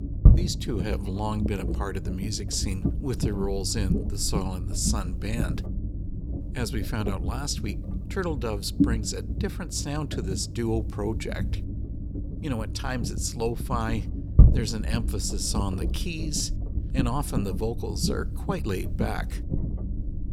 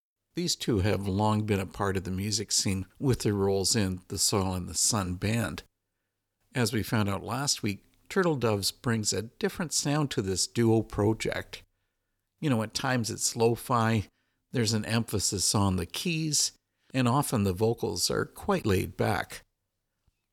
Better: second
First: low rumble; loud; throughout; 7 dB below the speech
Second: none

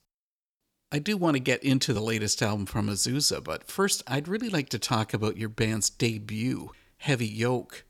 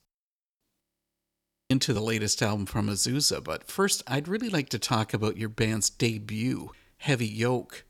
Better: first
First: none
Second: audio freezing; at 1 s for 1 s

